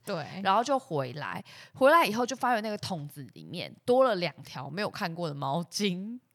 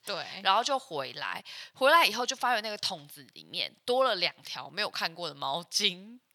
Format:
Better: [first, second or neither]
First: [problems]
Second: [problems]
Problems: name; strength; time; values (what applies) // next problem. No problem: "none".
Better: first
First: none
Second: thin; somewhat; fading below 950 Hz